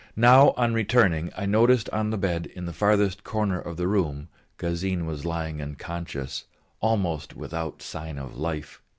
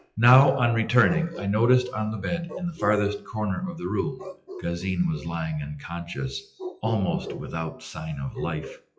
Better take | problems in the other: first | noise reduction (classical method WPE with log-MMSE)

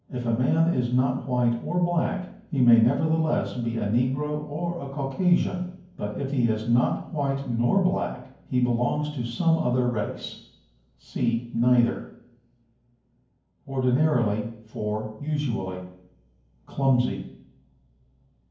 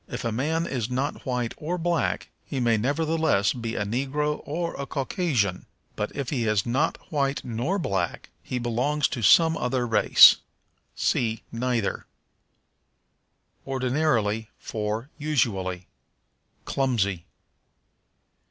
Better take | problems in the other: second | room echo; dies away in 0.9 s

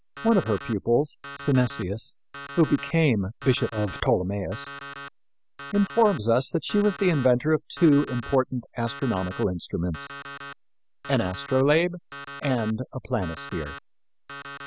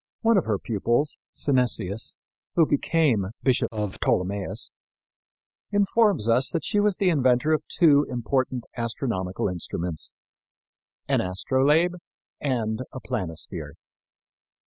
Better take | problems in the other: second | background sound (Alarm); 15 dB below the speech

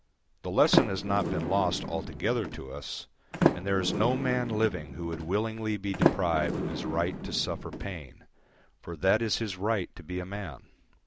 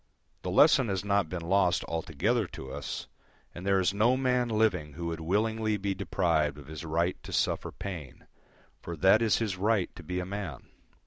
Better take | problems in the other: second | background sound (Sliding door); 1 dB below the speech

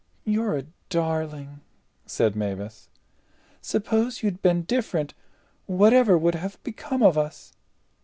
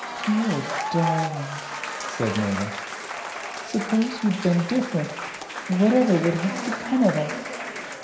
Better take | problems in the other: first | background sound (Applause / Crowd / Cheering); 7 dB below the speech // room echo; dies away in 0.9 s

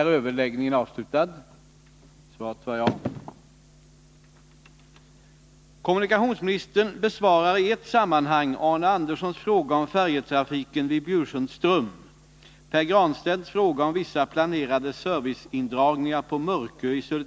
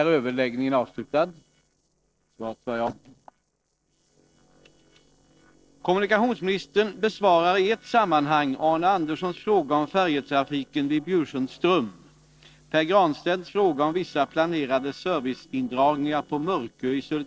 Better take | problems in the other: first | noise reduction (neural separator model SepFormer DNS4)

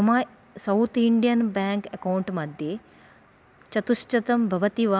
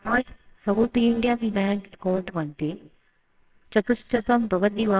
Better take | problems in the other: first | noise reduction (neural separator model SepFormer WHAMR!)

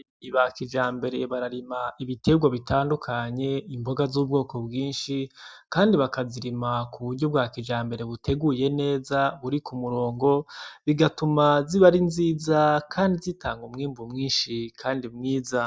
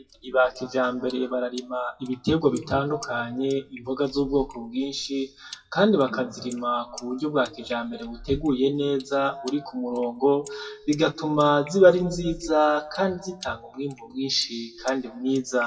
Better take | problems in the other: first | noise reduction (classical method WPE with log-MMSE)

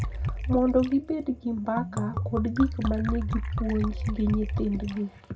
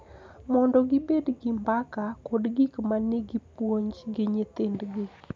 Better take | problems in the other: second | background sound (Liquid); 4 dB below the speech // room echo; dies away in 0.2 s

